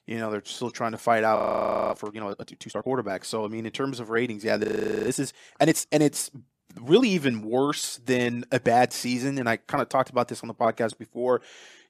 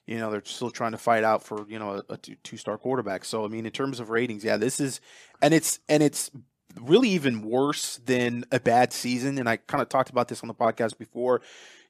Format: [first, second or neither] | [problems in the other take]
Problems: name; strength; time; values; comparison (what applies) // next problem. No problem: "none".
second | audio freezing; at 1.5 s for 0.5 s and at 4.5 s